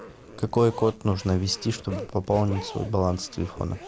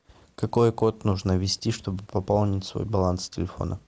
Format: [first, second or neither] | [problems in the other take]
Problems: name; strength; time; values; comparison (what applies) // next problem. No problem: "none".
second | background sound (Zipper (clothing)); 15 dB below the speech